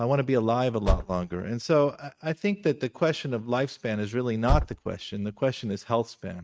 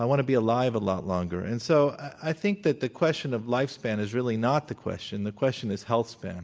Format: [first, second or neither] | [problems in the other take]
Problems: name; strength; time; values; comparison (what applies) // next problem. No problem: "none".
second | noise reduction (neural mask model RNNoise)